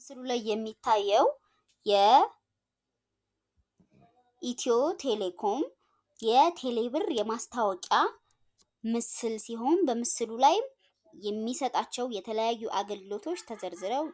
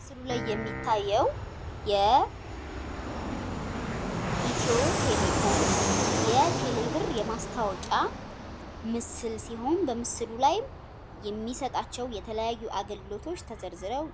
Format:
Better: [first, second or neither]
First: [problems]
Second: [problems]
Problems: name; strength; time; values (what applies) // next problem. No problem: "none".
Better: first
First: none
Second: background sound (Piano + Fixed-wing aircraft, airplane); 2 dB below the speech